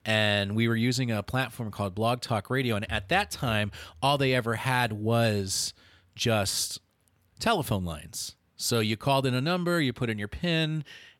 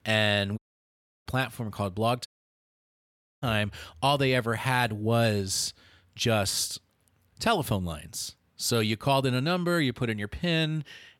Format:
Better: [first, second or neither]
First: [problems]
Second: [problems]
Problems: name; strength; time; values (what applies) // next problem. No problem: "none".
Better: first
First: none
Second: audio cutting out; at 0.5 s for 0.5 s and at 2.5 s for 1 s